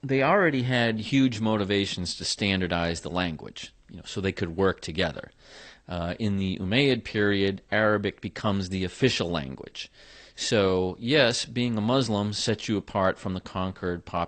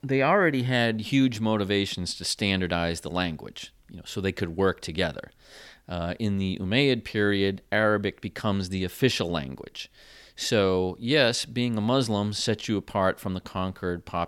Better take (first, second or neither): second